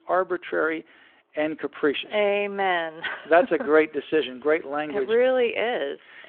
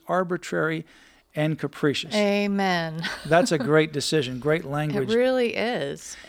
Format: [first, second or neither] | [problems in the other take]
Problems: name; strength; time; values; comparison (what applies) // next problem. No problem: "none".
second | phone-call audio